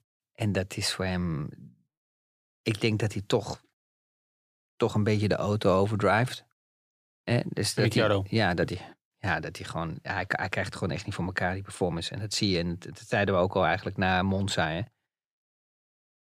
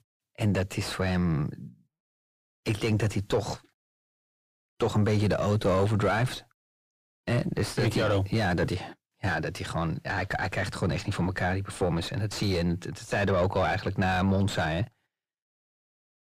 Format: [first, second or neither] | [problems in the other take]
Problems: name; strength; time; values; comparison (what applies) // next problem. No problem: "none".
first | distortion; heavy; 6 dB below the speech